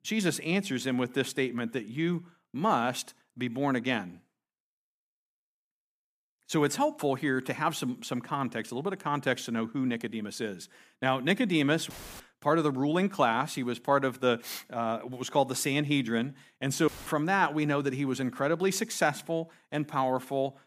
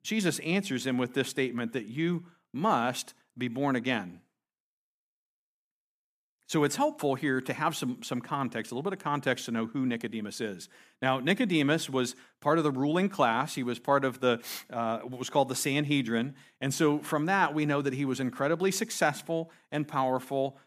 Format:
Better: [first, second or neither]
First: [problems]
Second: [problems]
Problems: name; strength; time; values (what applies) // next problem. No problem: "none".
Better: second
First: audio cutting out; filled with static; at 12 s and at 17 s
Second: none